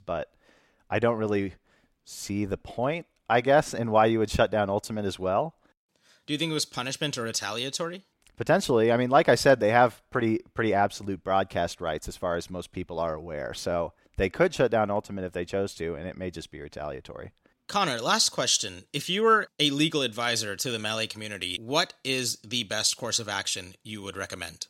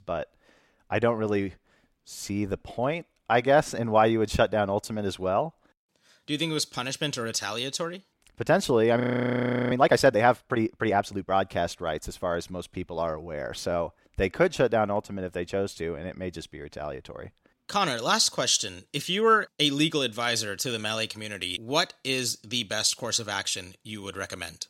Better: first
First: none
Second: audio freezing; at 9 s for 0.5 s

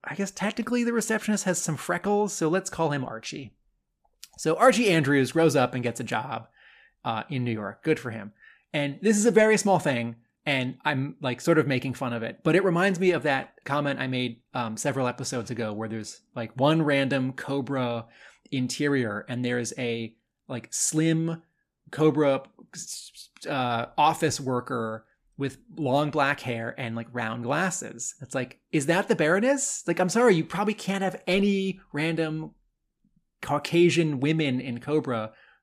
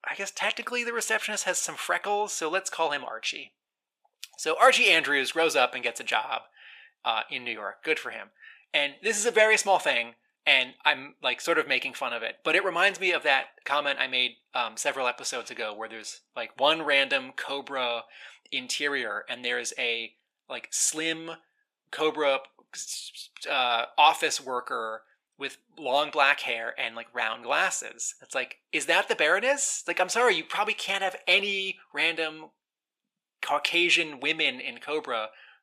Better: first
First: none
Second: thin; very; fading below 700 Hz

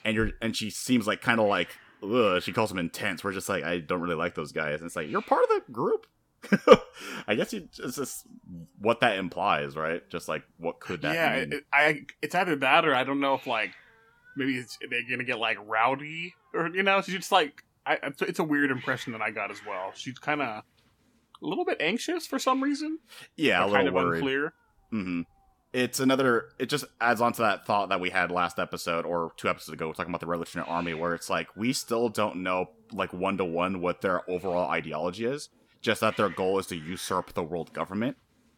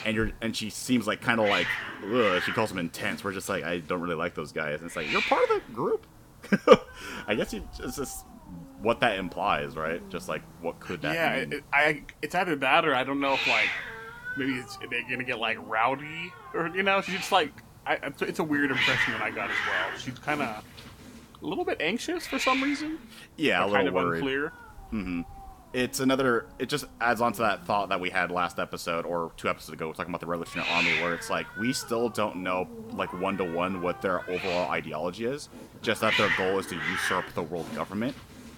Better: first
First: hiss; faint; throughout; 20 dB below the speech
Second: hiss; loud; throughout; 3 dB below the speech

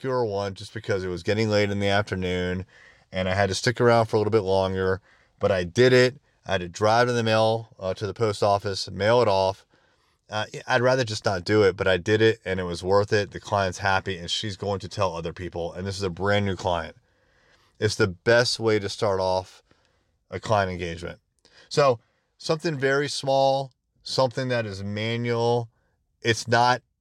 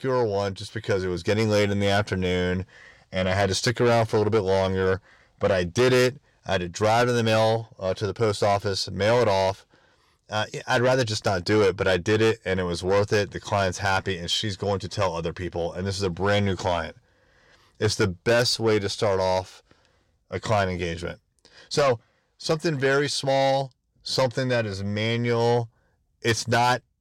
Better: first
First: none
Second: distortion; slight; 10 dB below the speech

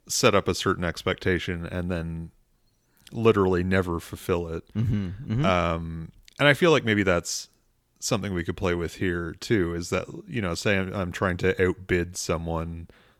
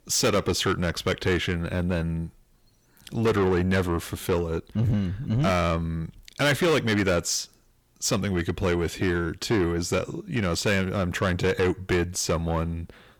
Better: first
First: none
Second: distortion; heavy; 7 dB below the speech

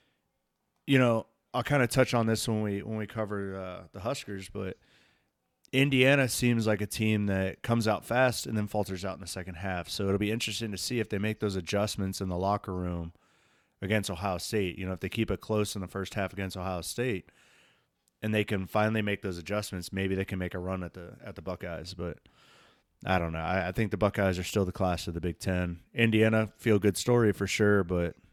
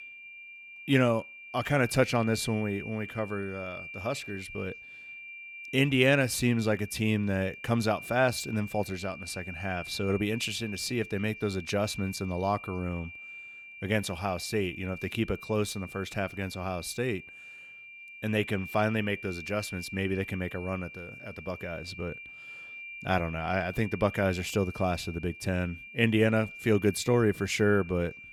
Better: first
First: none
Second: high-pitched whine; noticeable; throughout; 2.5 kHz, 15 dB below the speech

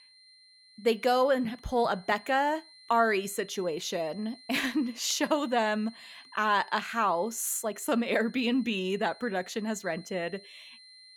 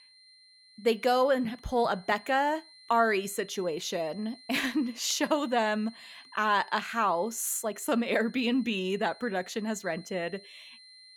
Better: neither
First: high-pitched whine; faint; throughout; 4 kHz, 25 dB below the speech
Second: high-pitched whine; faint; throughout; 4 kHz, 25 dB below the speech

